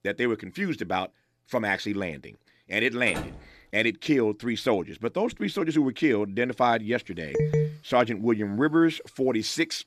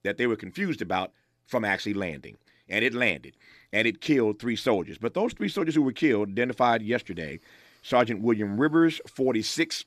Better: second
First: door banging; noticeable; at 3 s; peak 10 dB below the speech // phone ringing; loud; at 7.5 s; peak 1 dB above the speech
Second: none

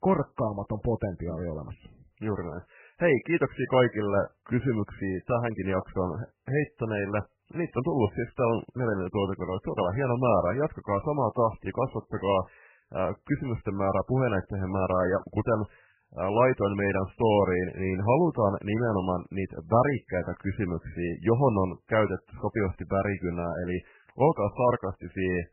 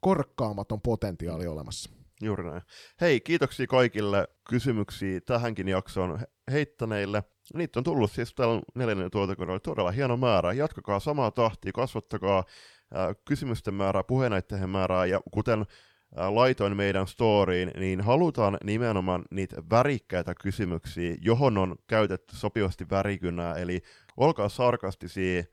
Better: second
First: garbled, watery; badly; nothing above 3 kHz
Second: none

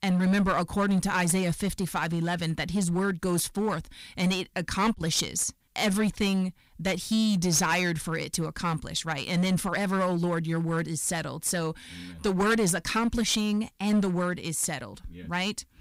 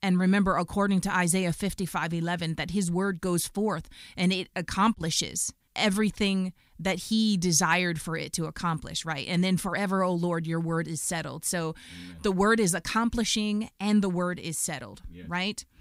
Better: second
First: distortion; slight; 8% of the sound clipped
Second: none

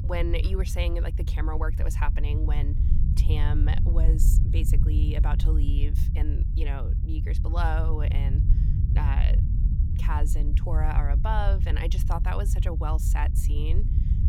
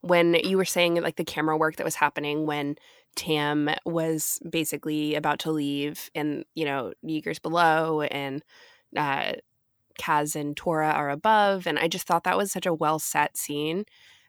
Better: second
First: low rumble; loud; throughout; 7 dB below the speech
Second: none

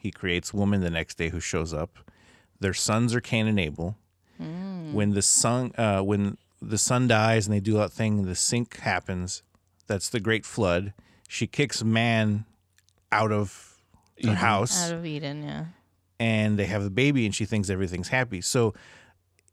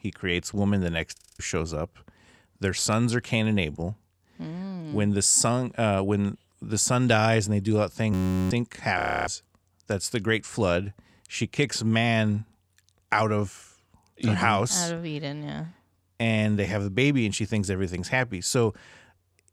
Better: first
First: none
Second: audio freezing; at 1 s, at 8 s and at 9 s

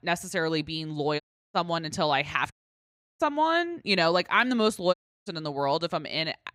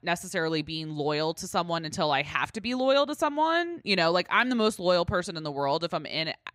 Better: second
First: audio cutting out; at 1 s, at 2.5 s for 0.5 s and at 5 s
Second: none

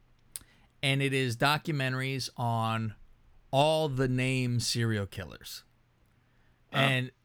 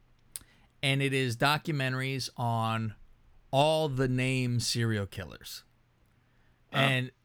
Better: neither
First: none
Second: none

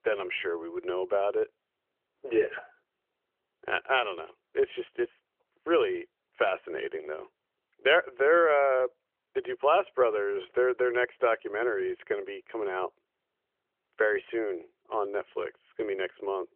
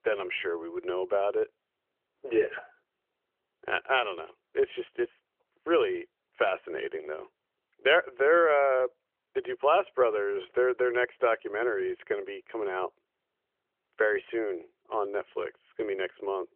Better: neither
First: phone-call audio; nothing above 3 kHz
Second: phone-call audio; nothing above 3 kHz

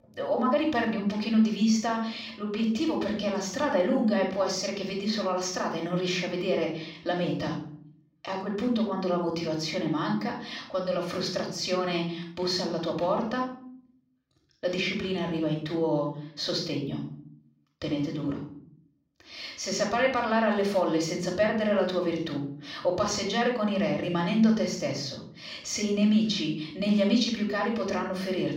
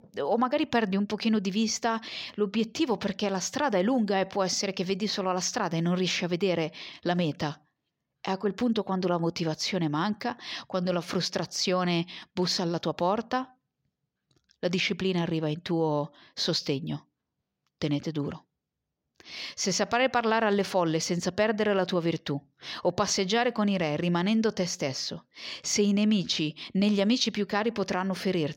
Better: second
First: off-mic speech; somewhat distant // room echo; noticeable; dies away in 0.5 s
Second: none

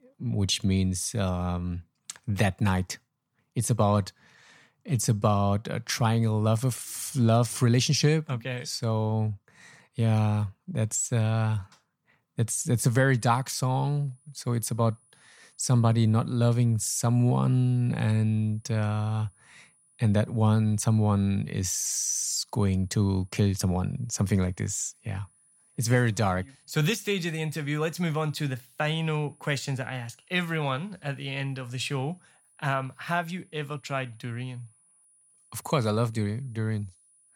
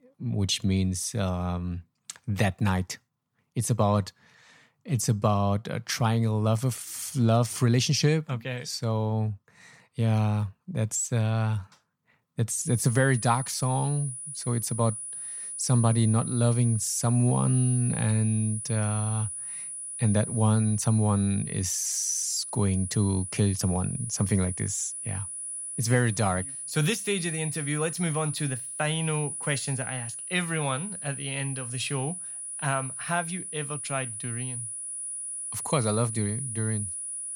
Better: first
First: high-pitched whine; faint; from 13 s on; 10 kHz, 35 dB below the speech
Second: high-pitched whine; loud; from 13 s on; 10 kHz, 6 dB below the speech

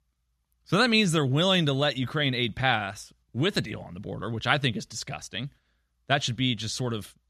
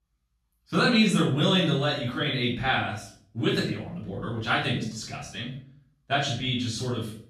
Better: first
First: none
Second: room echo; noticeable; dies away in 0.4 s // off-mic speech; far

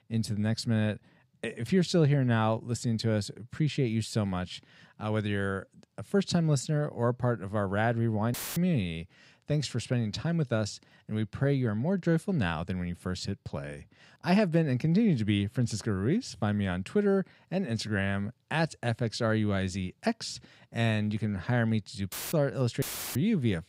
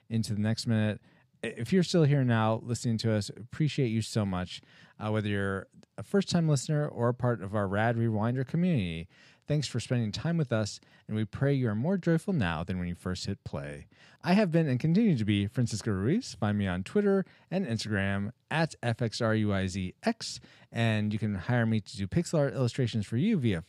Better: second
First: audio cutting out; filled with static; at 8.5 s, at 22 s and at 23 s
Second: none

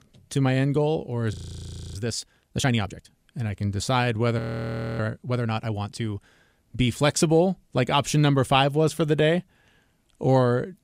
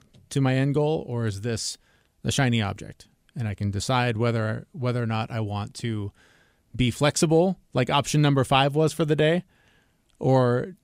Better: second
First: audio freezing; at 1.5 s for 0.5 s and at 4.5 s for 0.5 s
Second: none

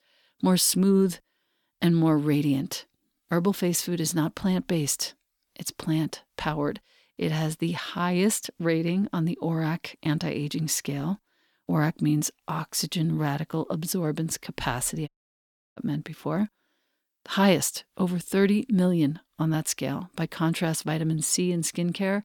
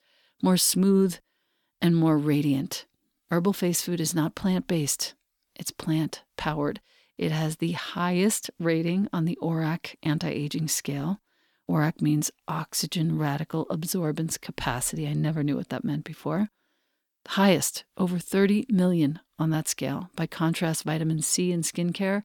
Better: second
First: audio cutting out; at 15 s for 0.5 s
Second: none

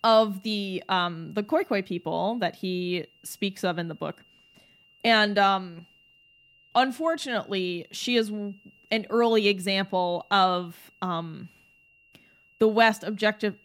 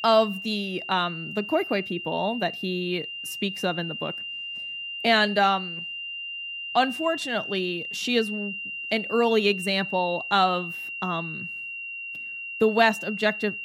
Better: first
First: high-pitched whine; faint; throughout; 3 kHz, 30 dB below the speech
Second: high-pitched whine; loud; throughout; 3 kHz, 7 dB below the speech

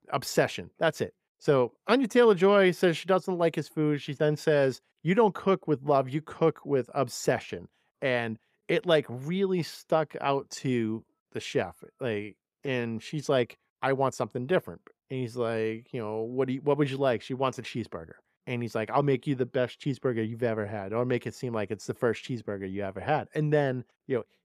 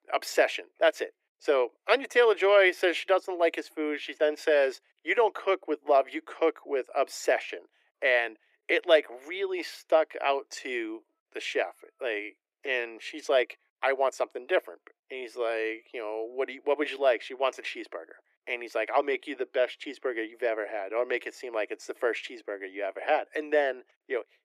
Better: first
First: none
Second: thin; very; fading below 300 Hz

